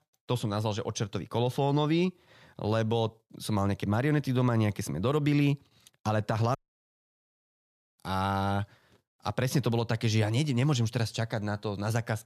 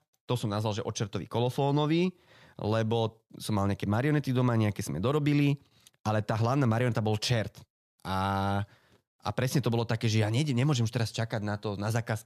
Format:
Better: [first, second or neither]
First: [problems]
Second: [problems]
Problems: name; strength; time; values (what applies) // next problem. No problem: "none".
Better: second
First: audio cutting out; at 6.5 s for 1.5 s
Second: none